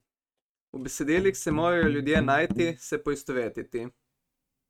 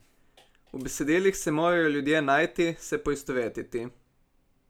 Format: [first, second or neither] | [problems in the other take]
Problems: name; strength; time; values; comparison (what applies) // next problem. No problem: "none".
second | noise reduction (neural mask model RNNoise)